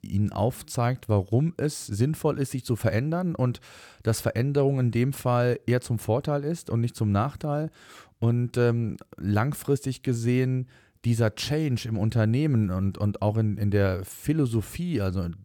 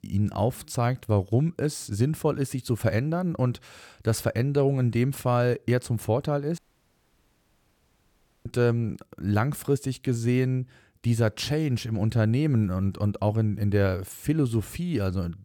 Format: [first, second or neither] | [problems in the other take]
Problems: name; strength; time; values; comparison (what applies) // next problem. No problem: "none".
first | audio cutting out; at 6.5 s for 2 s